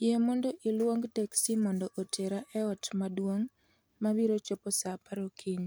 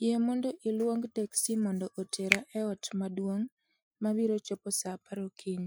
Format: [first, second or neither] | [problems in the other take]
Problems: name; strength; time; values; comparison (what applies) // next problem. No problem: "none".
first | noise reduction (classical method Wiener filter)